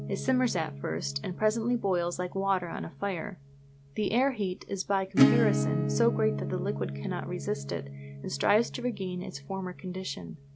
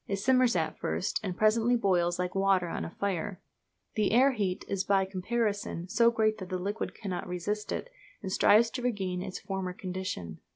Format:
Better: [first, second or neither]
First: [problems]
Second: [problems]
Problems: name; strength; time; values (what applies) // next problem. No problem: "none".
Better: second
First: background sound (Acoustic guitar / Strum); 3 dB below the speech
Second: none